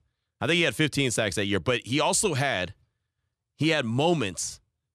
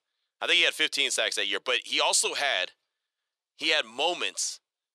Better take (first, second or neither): first